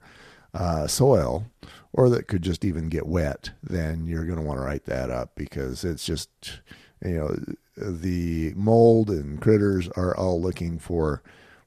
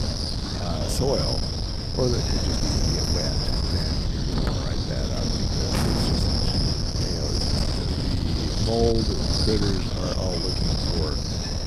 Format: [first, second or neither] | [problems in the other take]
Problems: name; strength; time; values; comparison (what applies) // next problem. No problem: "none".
first | wind noise on the microphone; heavy; 4 dB above the speech